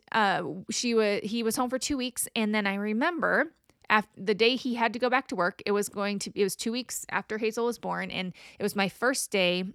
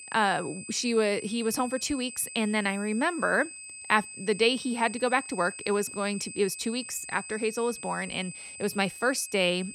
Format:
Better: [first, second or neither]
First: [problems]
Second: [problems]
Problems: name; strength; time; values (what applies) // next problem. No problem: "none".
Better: first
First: none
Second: high-pitched whine; noticeable; throughout; 8 kHz, 10 dB below the speech